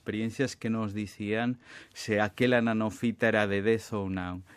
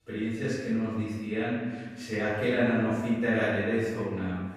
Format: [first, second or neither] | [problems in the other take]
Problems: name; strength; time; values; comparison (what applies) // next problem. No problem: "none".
first | off-mic speech; far // room echo; strong; dies away in 1.3 s